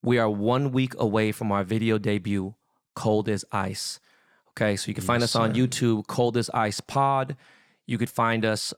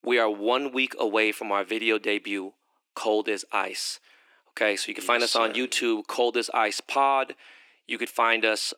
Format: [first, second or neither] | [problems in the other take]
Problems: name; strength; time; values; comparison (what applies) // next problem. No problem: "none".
first | thin; somewhat; fading below 300 Hz